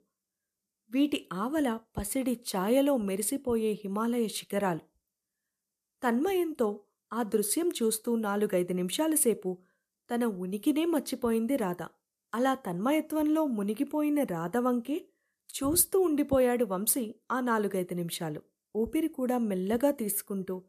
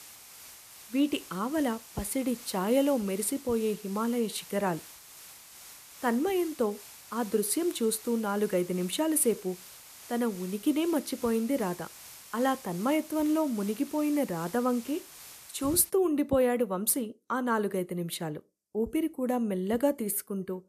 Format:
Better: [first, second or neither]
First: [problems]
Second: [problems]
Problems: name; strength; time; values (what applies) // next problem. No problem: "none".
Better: first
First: none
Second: hiss; noticeable; until 16 s; 15 dB below the speech